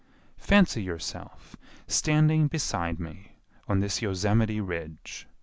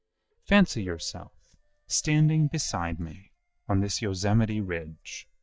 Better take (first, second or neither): first